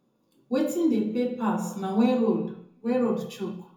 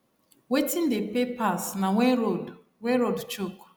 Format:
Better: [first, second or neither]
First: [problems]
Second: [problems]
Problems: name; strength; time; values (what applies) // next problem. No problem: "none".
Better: second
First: room echo; dies away in 0.6 s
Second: none